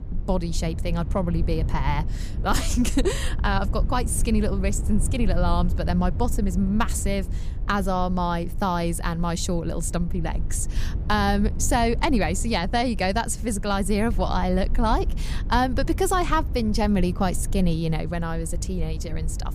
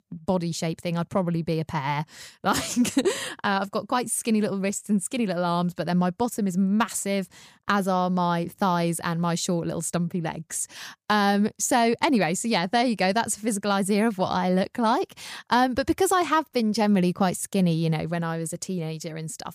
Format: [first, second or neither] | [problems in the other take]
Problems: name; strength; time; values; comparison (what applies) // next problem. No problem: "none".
second | low rumble; noticeable; throughout; 20 dB below the speech